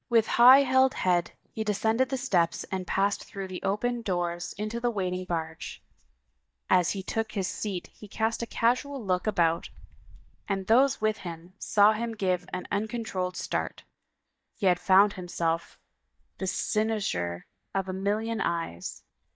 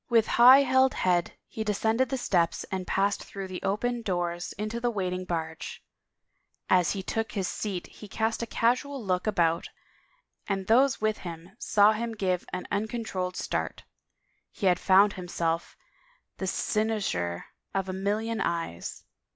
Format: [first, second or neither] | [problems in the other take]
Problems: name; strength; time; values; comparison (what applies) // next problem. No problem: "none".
second | noise reduction (neural mask model DeepFilterNet 3)